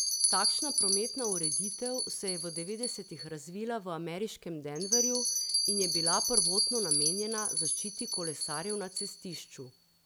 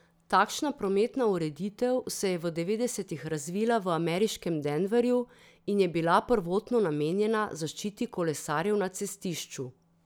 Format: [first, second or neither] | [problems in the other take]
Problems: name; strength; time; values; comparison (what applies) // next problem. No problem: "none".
second | background sound (Bell); 5 dB above the speech